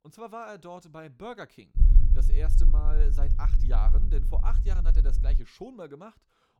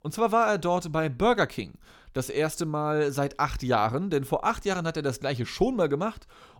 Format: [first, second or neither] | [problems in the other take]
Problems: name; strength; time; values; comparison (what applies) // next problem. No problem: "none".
second | low rumble; loud; from 2 to 5.5 s; 7 dB below the speech